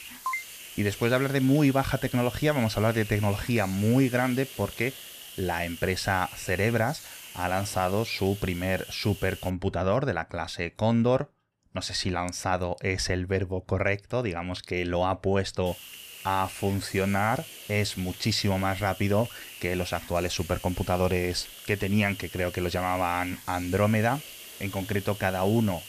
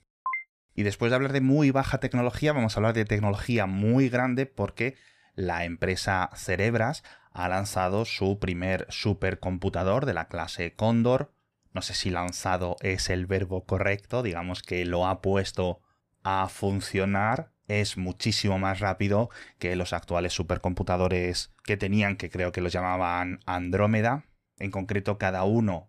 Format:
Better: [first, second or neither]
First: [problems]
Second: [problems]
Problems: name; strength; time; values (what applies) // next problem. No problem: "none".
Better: second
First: hiss; noticeable; until 9.5 s and from 16 s on; 15 dB below the speech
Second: none